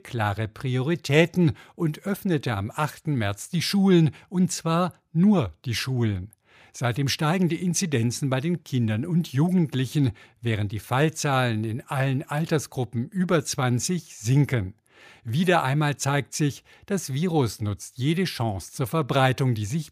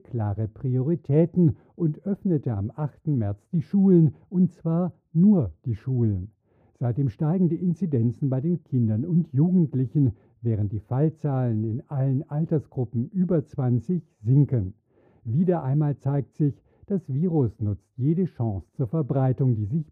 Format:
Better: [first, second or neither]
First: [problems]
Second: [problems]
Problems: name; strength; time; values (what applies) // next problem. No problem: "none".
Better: first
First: none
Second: muffled; very; fading above 1.5 kHz